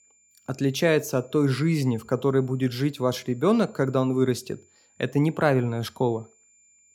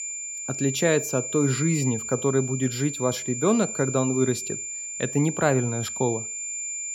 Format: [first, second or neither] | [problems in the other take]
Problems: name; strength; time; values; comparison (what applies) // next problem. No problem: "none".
first | high-pitched whine; loud; throughout; 7 kHz, 5 dB below the speech; faint in the first